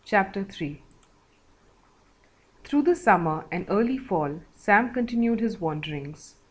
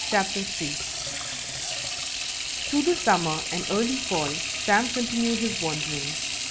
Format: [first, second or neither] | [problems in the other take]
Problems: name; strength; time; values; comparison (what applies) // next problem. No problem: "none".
first | background sound (Sink (filling or washing) / Water tap, faucet); 2 dB below the speech